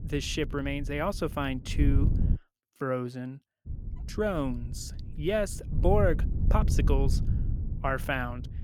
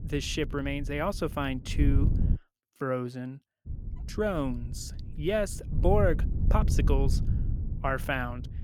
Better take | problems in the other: neither | wind noise on the microphone; occasional gusts; until 2.5 s and from 3.5 s on; 15 dB below the speech; the same in both

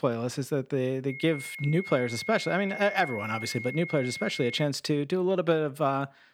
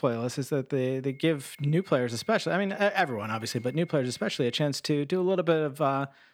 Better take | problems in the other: second | high-pitched whine; loud; from 1 to 4.5 s; 2 kHz, 9 dB below the speech; faint in the second

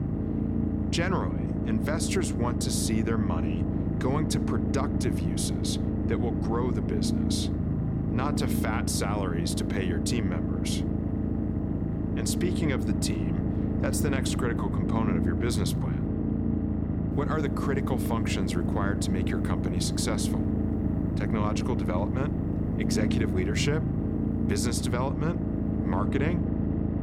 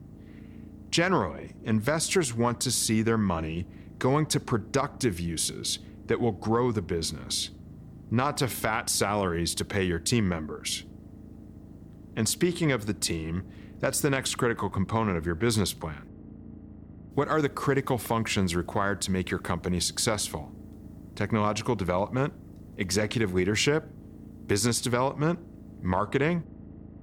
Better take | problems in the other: second | low rumble; loud; throughout; 2 dB below the speech; faint in the second

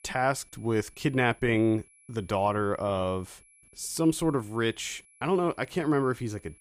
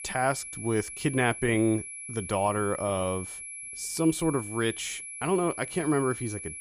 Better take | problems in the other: first | high-pitched whine; loud; throughout; 11 kHz, 9 dB below the speech; faint in the first

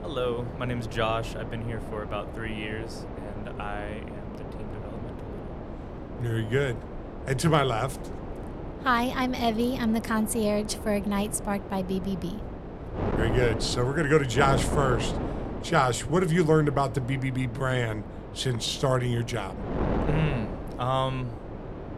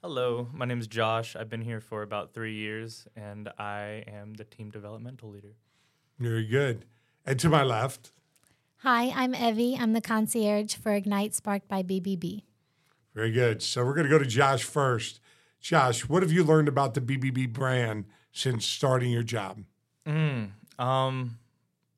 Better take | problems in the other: second | wind noise on the microphone; occasional gusts; 10 dB below the speech

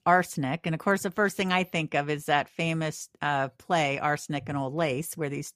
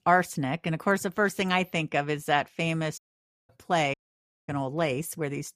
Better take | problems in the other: first | audio cutting out; at 3 s for 0.5 s and at 4 s for 0.5 s

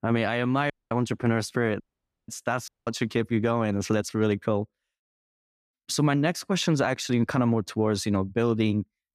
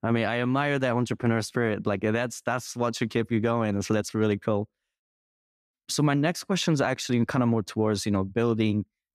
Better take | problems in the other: second | audio cutting out; at 0.5 s, at 2 s and at 2.5 s

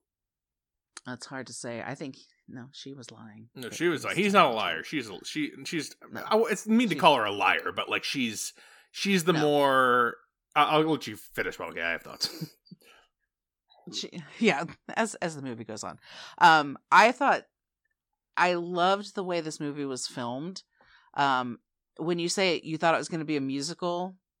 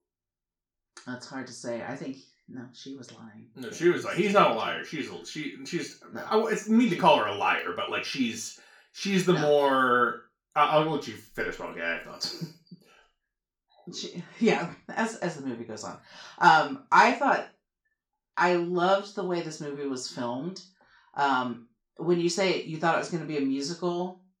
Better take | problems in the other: first | room echo; slight; dies away in 0.3 s // off-mic speech; somewhat distant

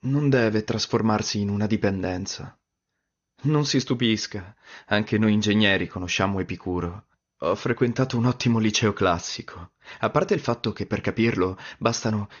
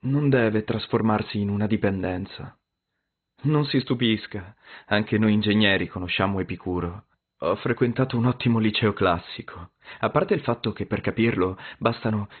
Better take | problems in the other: first | garbled, watery; badly; nothing above 4 kHz; slightly in the first

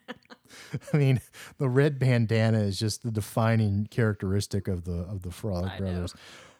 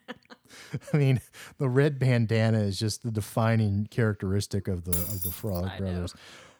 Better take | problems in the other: first | jangling keys; loud; at 5 s; peak level with the speech

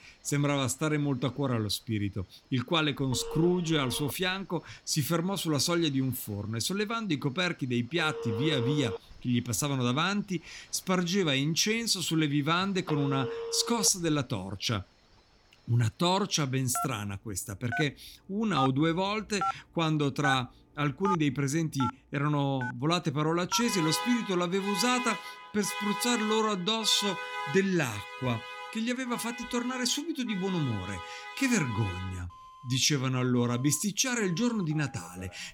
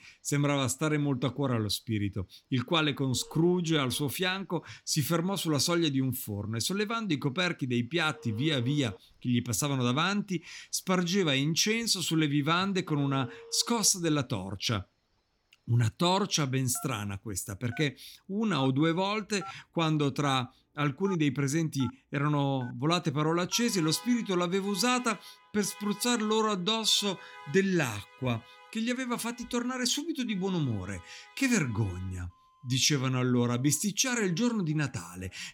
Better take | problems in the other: second | alarms or sirens; loud; throughout; 8 dB below the speech; faint in the second

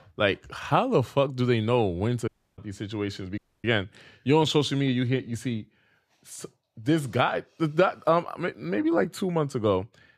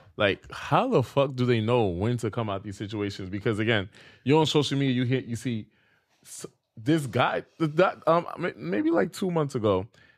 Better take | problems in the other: second | audio cutting out; at 2.5 s and at 3.5 s

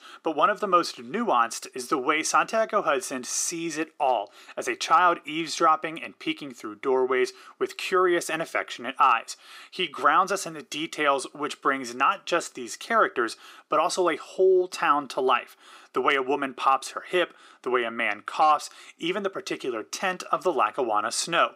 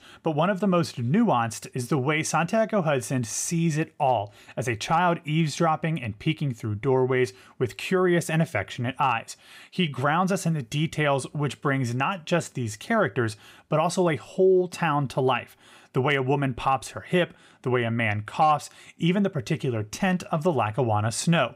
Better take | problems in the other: second | thin; very; fading below 300 Hz

